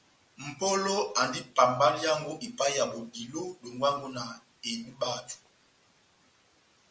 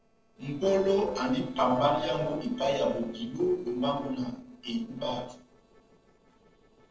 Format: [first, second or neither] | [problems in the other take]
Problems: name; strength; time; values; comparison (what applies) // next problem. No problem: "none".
first | noise reduction (neural separator model SepFormer DNS4)